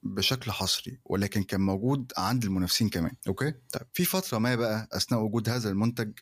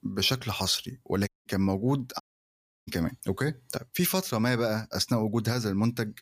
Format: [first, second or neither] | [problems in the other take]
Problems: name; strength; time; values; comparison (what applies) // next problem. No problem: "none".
first | audio cutting out; at 1.5 s and at 2 s for 0.5 s